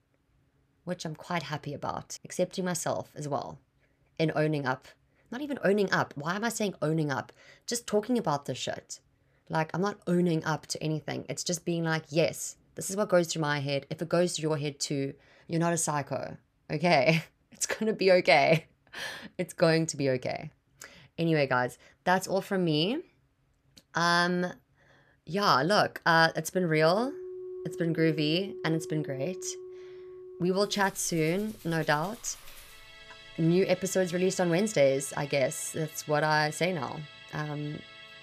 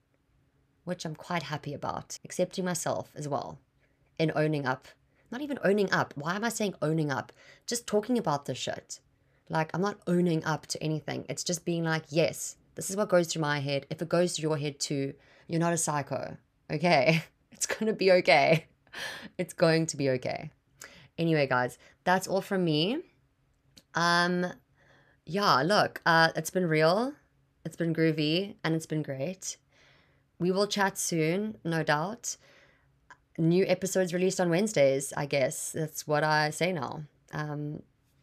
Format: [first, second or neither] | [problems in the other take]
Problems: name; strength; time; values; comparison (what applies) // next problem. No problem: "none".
second | background music; noticeable; from 27 s on; 15 dB below the speech